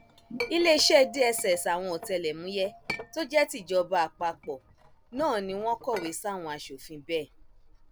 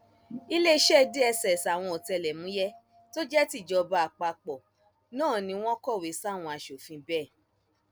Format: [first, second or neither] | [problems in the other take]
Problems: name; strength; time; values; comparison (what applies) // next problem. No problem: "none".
second | background sound (Chink, clink); 16 dB below the speech